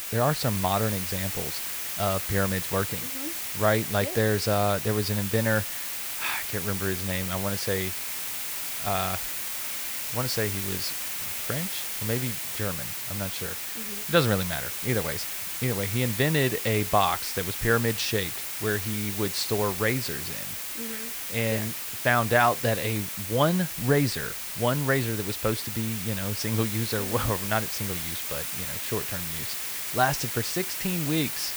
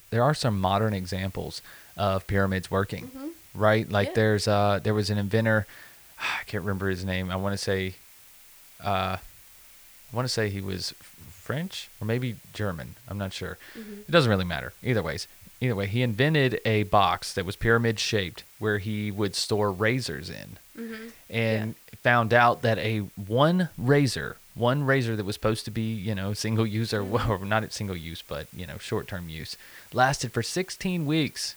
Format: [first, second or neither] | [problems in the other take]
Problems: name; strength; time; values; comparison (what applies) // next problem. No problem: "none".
second | hiss; loud; throughout; 2 dB below the speech; faint in the second